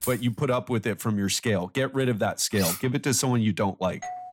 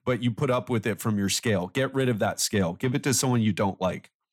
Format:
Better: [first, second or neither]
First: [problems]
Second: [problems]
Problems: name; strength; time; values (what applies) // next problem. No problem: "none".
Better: second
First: jangling keys; noticeable; at the start; peak 9 dB below the speech // clattering dishes; noticeable; at 2.5 s; peak 3 dB below the speech // doorbell; faint; at 4 s; peak 10 dB below the speech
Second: none